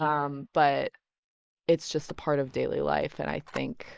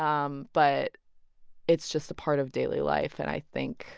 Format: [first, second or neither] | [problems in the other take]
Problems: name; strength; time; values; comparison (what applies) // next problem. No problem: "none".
second | noise reduction (neural mask model Resemble Enhance denoiser)